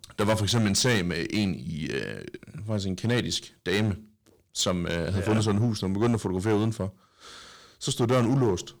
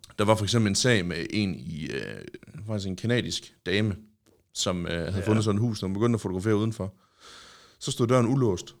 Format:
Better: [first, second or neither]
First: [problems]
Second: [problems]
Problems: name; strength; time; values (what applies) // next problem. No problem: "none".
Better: second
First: distortion; slight; 5% of the sound clipped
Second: none